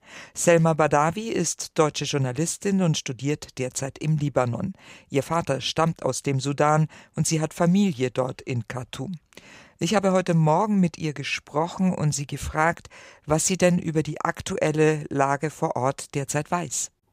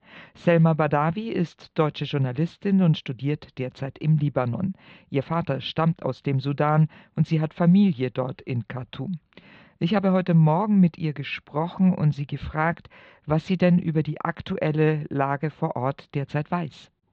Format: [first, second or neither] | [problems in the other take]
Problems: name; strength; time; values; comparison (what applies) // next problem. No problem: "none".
first | muffled; very; fading above 4 kHz